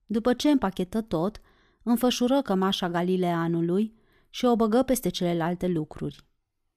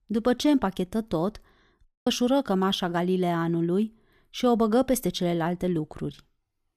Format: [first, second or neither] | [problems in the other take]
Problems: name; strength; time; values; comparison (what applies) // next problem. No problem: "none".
first | audio cutting out; at 2 s